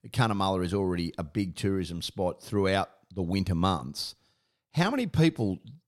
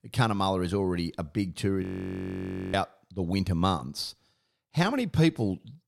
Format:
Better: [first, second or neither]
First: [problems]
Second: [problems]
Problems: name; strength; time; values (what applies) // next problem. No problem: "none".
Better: first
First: none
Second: audio freezing; at 2 s for 1 s